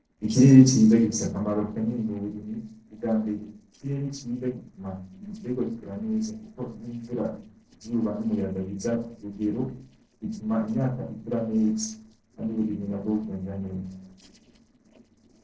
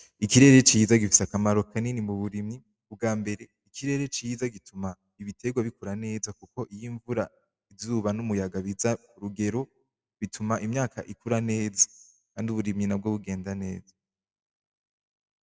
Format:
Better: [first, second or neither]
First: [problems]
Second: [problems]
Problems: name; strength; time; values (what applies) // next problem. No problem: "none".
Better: second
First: noise reduction (neural separator model SepFormer DNS4)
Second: none